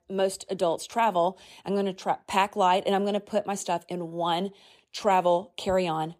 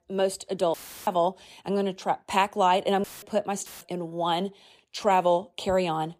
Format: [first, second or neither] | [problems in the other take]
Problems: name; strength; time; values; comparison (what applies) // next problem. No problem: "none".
first | audio cutting out; filled with static; at 0.5 s, at 3 s and at 3.5 s